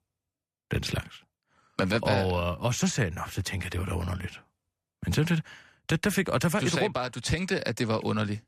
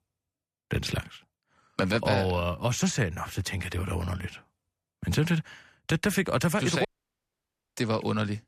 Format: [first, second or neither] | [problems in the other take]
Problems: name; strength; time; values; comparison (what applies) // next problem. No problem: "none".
first | audio cutting out; at 7 s for 1 s